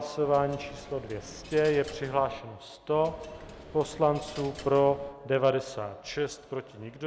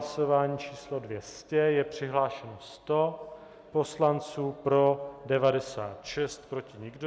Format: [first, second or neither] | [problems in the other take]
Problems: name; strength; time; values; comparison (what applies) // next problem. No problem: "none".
second | background sound (Coin (dropping)); 17 dB below the speech